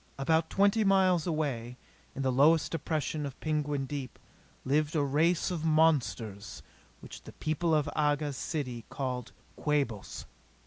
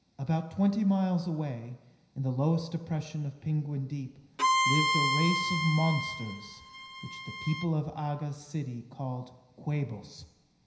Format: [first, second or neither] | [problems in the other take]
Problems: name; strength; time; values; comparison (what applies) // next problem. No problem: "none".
first | background sound (Bowed string instrument); 1 dB above the speech // room echo; dies away in 0.9 s